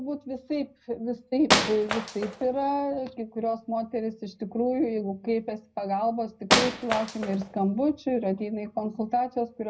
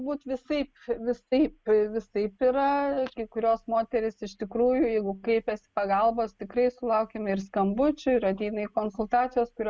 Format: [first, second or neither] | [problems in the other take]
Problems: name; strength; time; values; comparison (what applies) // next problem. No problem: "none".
second | background sound (Wood); as loud as the speech // room echo; dies away in 0.4 s